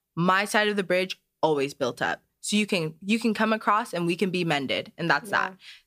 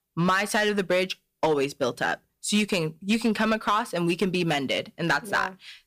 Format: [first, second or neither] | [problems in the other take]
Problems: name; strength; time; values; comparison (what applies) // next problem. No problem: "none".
first | distortion; slight; 4% of the sound clipped